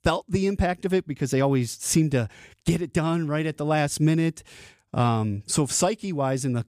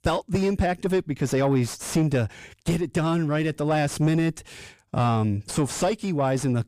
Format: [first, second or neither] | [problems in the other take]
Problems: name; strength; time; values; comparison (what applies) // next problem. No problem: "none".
first | distortion; slight; 8 dB below the speech